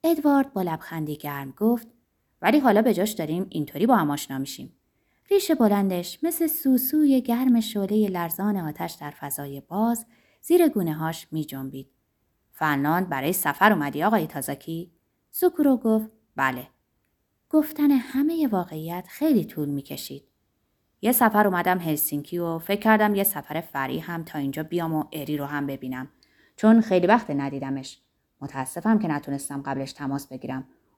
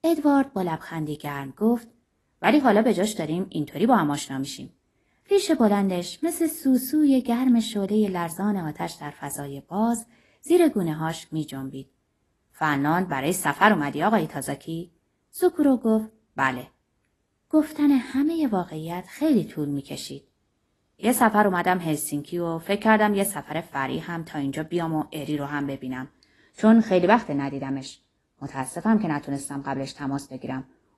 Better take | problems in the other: first | garbled, watery; slightly; nothing above 12.5 kHz

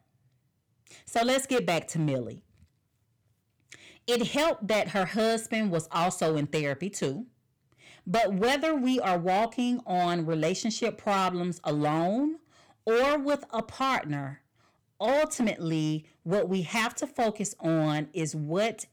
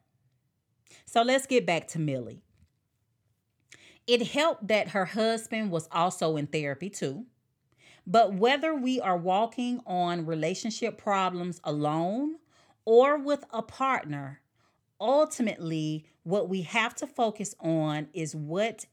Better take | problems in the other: second | distortion; heavy; 9% of the sound clipped

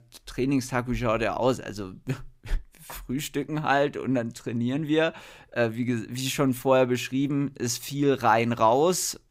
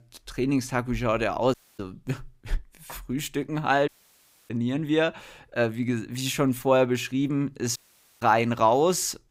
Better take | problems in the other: first | audio cutting out; at 1.5 s, at 4 s for 0.5 s and at 8 s

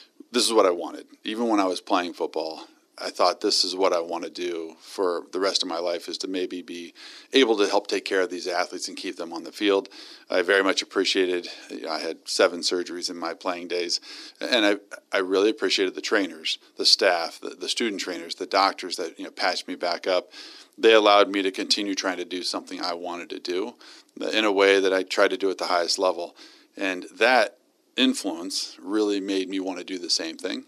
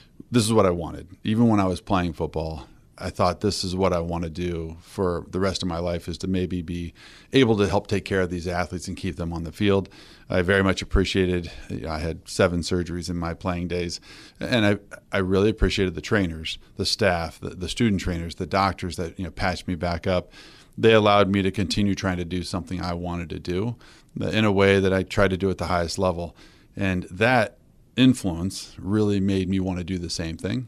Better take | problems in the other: second | thin; somewhat; fading below 300 Hz

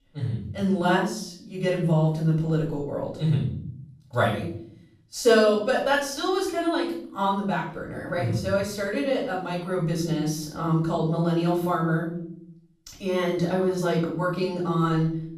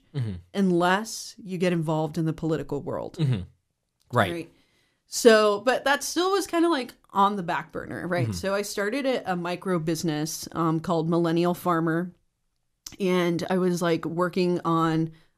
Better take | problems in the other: second | off-mic speech; far // room echo; noticeable; dies away in 0.7 s

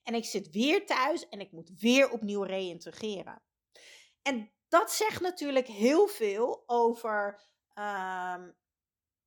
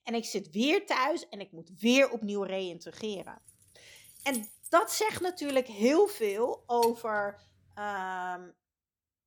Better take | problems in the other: first | jangling keys; noticeable; from 3.5 to 7 s; peak 10 dB below the speech

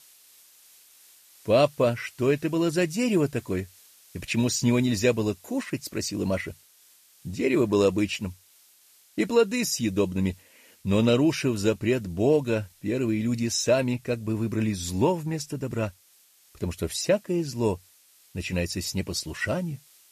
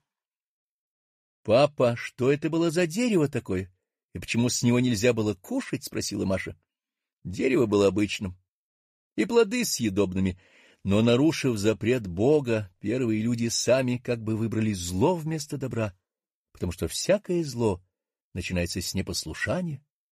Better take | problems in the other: second | hiss; faint; throughout; 30 dB below the speech

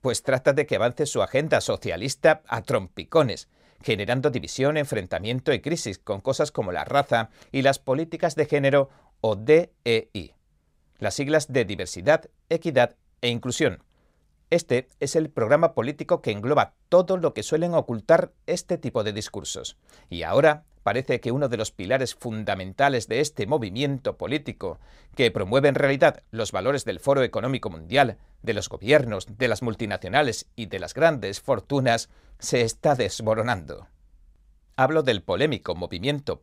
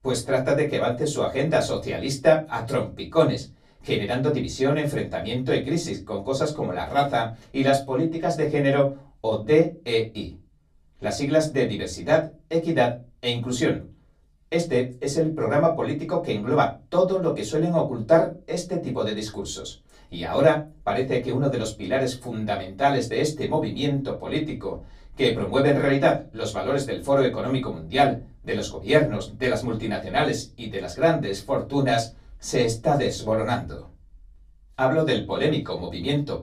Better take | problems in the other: first | off-mic speech; far // room echo; very slight; dies away in 0.3 s

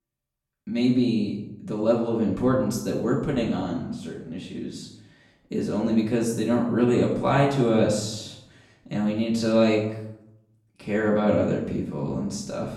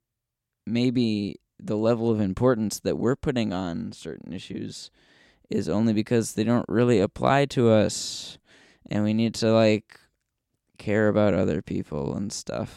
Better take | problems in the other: second | off-mic speech; far // room echo; noticeable; dies away in 0.7 s

